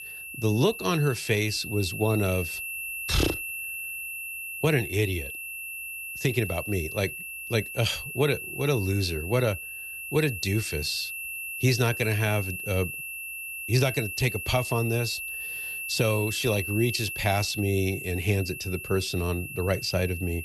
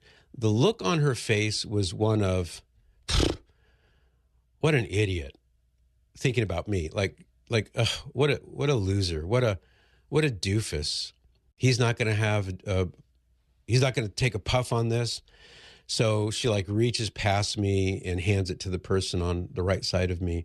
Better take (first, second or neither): second